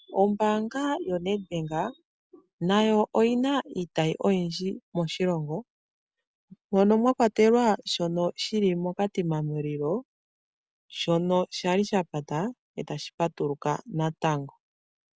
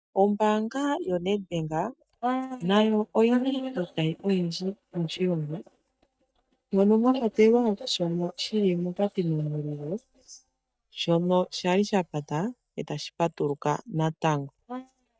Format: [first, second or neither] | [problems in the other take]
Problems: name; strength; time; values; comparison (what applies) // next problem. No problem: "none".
first | noise reduction (neural mask model DeepFilterNet 3)